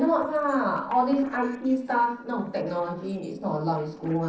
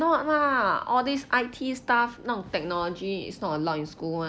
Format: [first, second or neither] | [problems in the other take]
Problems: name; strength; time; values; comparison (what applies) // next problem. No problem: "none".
second | noise reduction (neural separator model SepFormer DNS4)